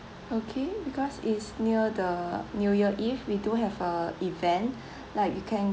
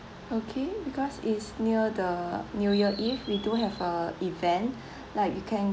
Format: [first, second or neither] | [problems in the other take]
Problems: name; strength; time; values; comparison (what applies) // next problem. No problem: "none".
first | background sound (Chirp, tweet); 12 dB below the speech